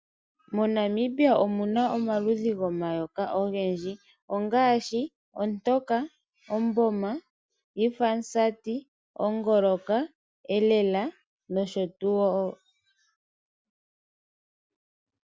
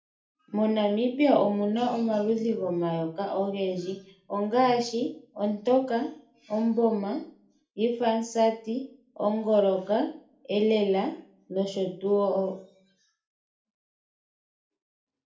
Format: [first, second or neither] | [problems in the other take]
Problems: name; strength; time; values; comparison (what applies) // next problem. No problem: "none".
first | room echo; dies away in 0.4 s